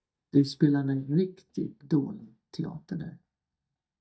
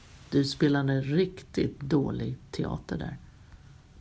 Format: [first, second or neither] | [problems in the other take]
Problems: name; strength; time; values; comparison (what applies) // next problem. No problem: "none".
second | noise reduction (neural mask model DeepFilterNet 3)